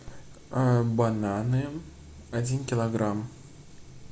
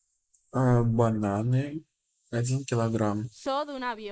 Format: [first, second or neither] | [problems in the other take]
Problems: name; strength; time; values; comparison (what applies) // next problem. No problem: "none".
first | noise reduction (neural mask model Resemble Enhance denoiser)